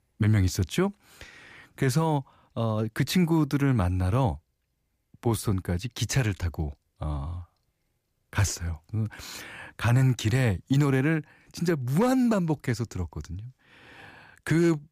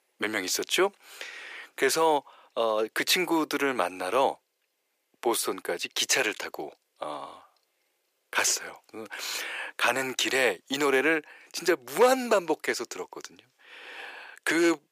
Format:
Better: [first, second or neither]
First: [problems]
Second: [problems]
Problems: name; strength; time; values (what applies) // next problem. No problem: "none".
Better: first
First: none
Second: thin; very; fading below 400 Hz